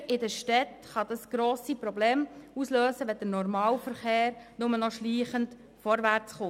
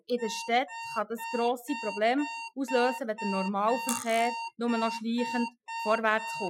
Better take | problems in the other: first | noise reduction (classical method Wiener filter)

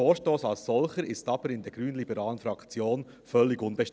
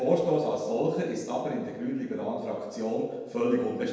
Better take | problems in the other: first | room echo; dies away in 1.1 s

